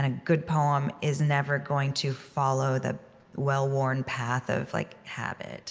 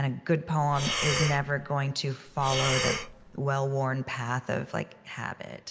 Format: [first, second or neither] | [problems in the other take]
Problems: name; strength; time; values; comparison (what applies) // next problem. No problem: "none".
first | background sound (Breathing); 2 dB below the speech